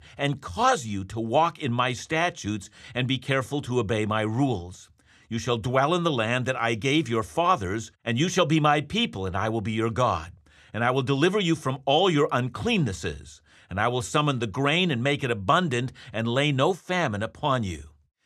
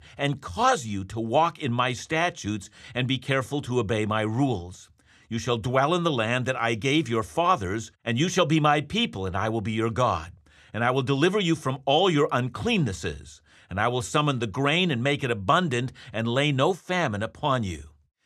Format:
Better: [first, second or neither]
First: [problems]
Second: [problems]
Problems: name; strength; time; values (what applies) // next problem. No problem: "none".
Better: neither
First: none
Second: none